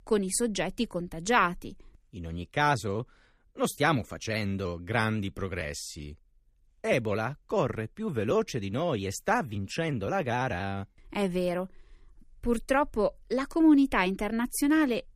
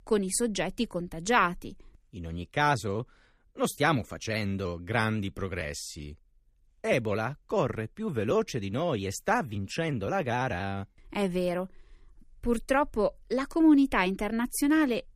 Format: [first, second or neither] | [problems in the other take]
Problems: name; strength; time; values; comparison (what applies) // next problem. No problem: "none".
neither | none